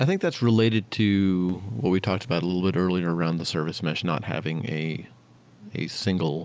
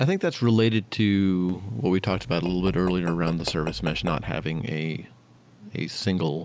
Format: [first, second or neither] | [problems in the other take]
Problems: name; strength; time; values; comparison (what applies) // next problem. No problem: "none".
first | background sound (Tap / Glass); 13 dB below the speech